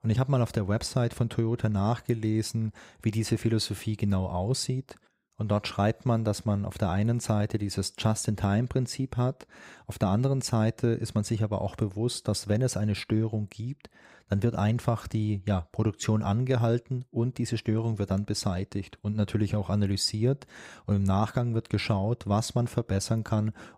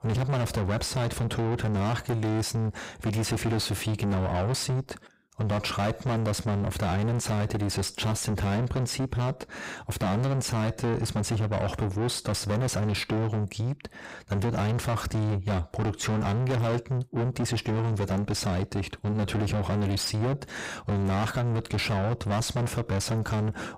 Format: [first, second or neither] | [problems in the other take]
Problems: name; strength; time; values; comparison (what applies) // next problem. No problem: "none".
first | distortion; heavy; 5 dB below the speech